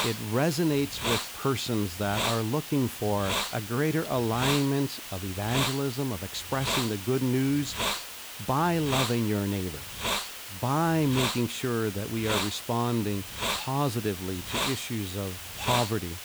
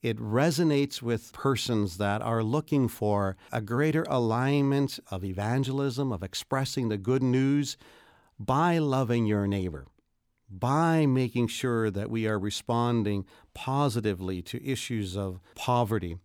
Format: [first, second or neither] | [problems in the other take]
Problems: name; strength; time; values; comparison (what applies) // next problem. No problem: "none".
second | hiss; loud; throughout; 4 dB below the speech